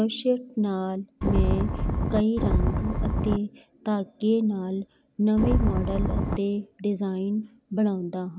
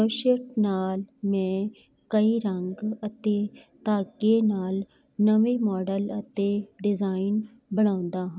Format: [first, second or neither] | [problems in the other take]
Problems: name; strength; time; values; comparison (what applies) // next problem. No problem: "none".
second | background sound (Wind); 3 dB above the speech